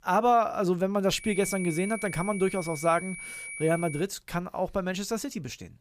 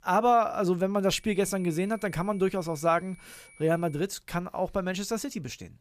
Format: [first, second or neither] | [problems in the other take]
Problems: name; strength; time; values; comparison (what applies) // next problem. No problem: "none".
second | high-pitched whine; loud; from 1 to 4 s; 2.5 kHz, 10 dB below the speech; faint in the second